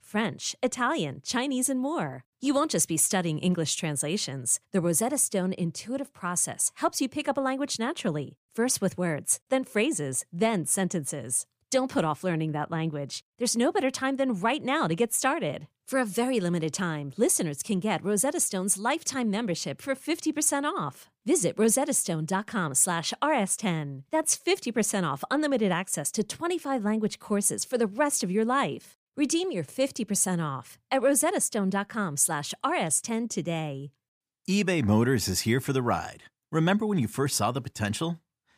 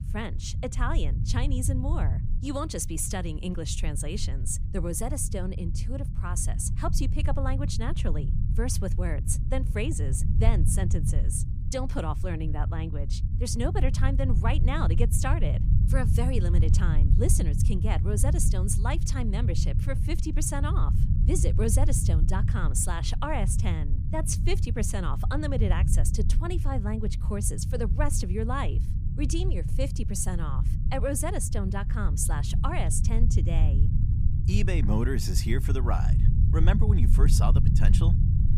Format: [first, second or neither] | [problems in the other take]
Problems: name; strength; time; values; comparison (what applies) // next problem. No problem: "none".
first | low rumble; loud; throughout; 8 dB below the speech